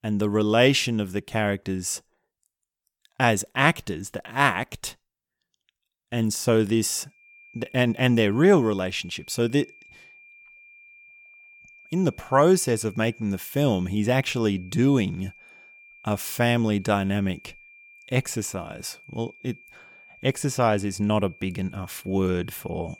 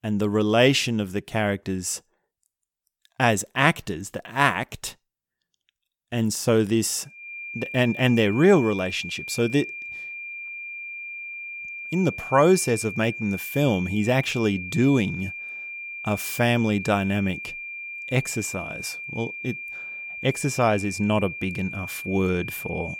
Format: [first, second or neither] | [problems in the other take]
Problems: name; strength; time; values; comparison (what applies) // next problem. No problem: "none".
first | high-pitched whine; loud; from 7 s on; 2.5 kHz, 9 dB below the speech; faint in the first